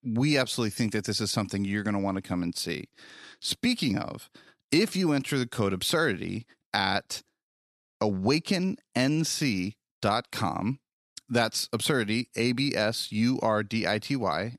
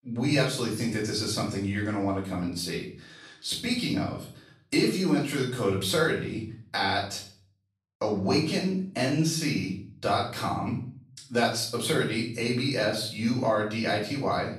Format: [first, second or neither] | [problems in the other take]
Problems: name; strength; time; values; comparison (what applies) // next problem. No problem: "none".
first | off-mic speech; far // room echo; noticeable; dies away in 0.4 s